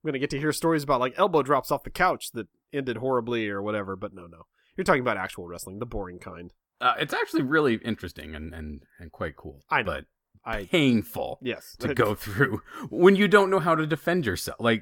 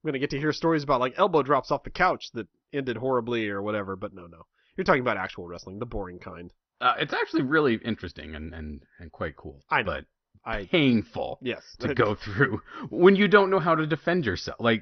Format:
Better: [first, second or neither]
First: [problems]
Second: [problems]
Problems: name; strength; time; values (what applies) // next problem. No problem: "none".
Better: first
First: none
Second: garbled, watery; slightly; nothing above 6 kHz